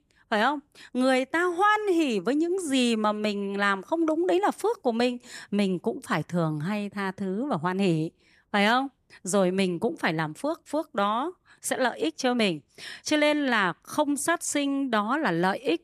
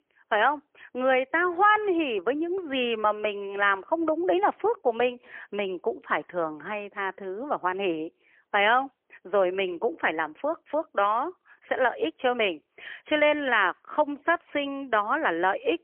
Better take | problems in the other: first | phone-call audio; poor line; nothing above 3 kHz

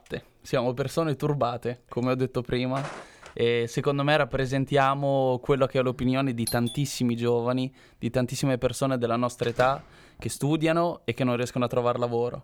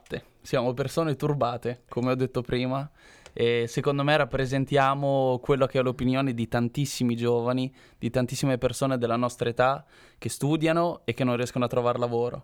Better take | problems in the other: second | footsteps; faint; at 3 s; peak 10 dB below the speech // doorbell; noticeable; at 6.5 s; peak 7 dB below the speech // door banging; faint; at 9.5 s; peak 15 dB below the speech

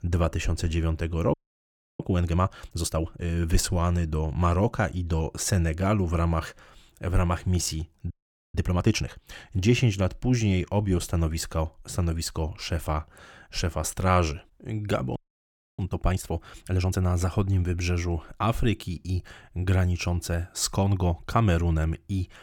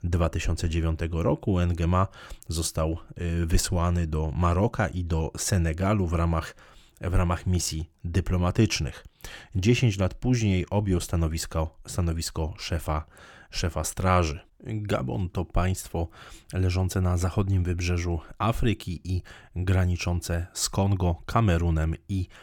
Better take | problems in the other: second | audio freezing; at 1.5 s for 0.5 s, at 8 s and at 15 s for 0.5 s

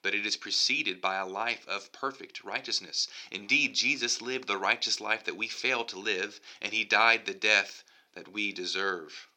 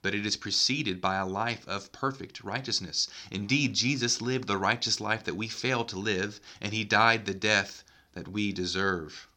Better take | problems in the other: second | thin; somewhat; fading below 400 Hz

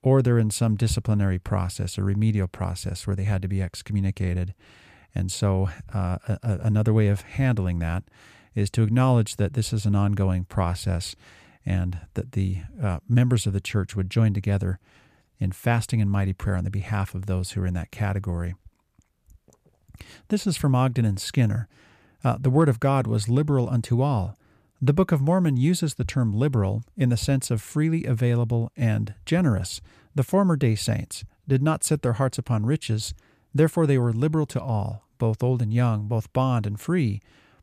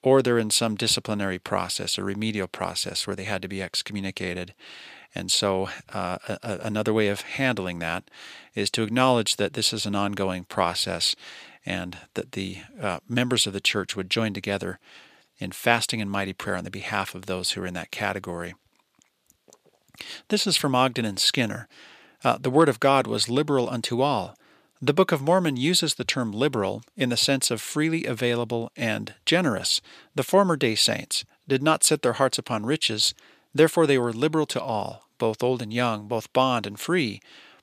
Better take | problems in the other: first | thin; somewhat; fading below 300 Hz

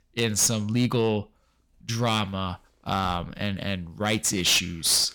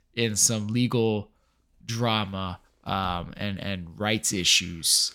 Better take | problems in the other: second | distortion; slight; 5% of the sound clipped

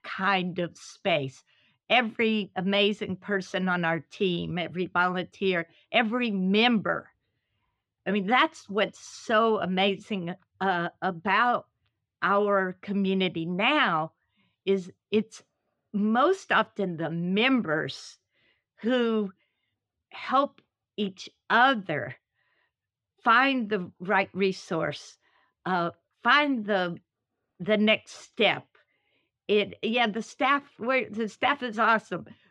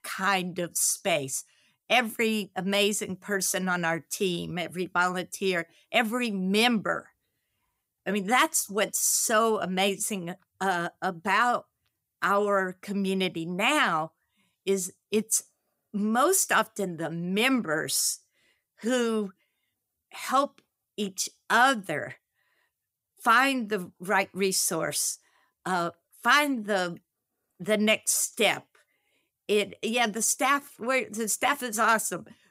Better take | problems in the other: second | muffled; very; fading above 3.5 kHz

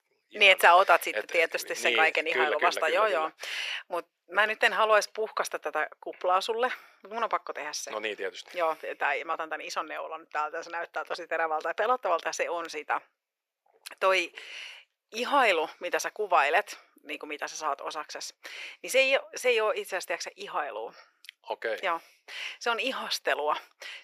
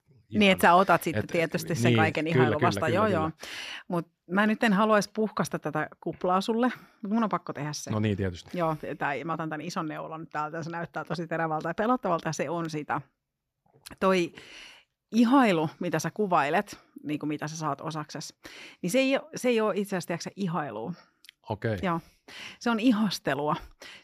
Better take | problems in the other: second | thin; very; fading below 500 Hz

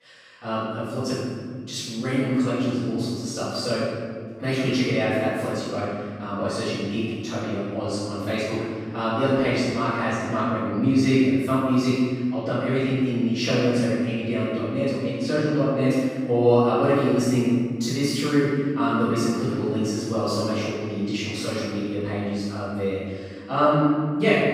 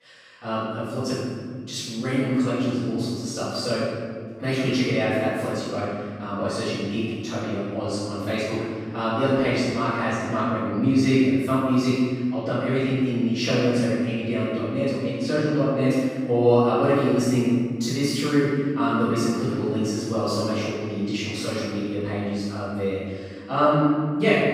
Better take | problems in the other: neither | off-mic speech; far; the same in both // room echo; strong; dies away in 1.9 s; the same in both

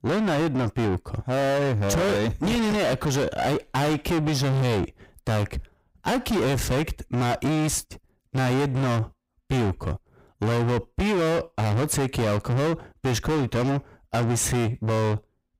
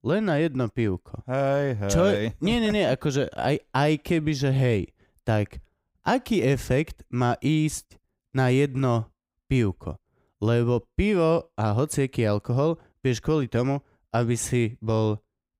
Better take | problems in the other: second | distortion; heavy; 6 dB below the speech

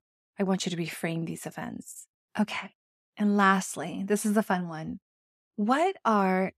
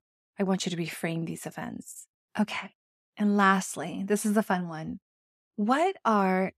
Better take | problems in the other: neither | none

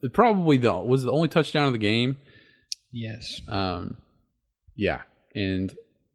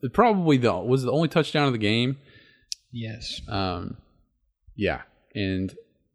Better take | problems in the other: second | garbled, watery; slightly

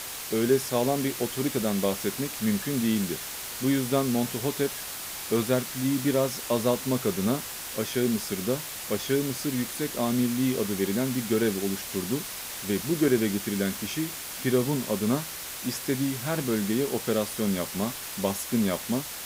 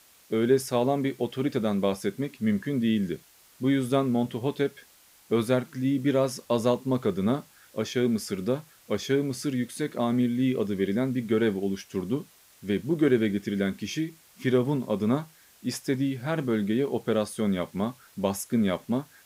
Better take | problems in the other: second | hiss; loud; throughout; 6 dB below the speech; faint in the second

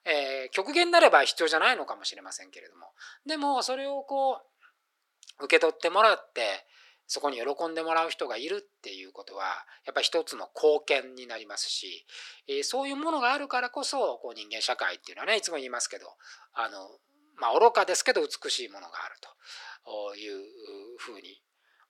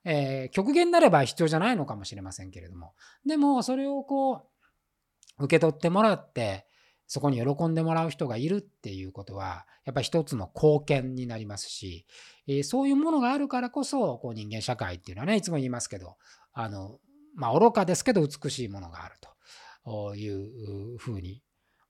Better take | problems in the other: second | thin; very; fading below 350 Hz

